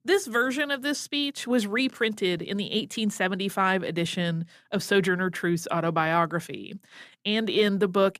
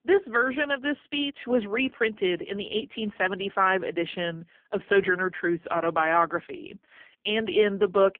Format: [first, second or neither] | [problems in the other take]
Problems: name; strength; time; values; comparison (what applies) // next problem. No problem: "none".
first | phone-call audio; poor line; nothing above 3.5 kHz